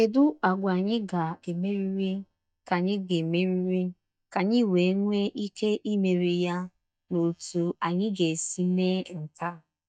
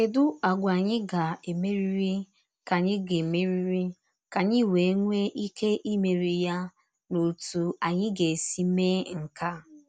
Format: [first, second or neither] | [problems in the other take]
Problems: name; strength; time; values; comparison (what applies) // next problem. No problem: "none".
second | noise reduction (neural mask model DeepFilterNet 3)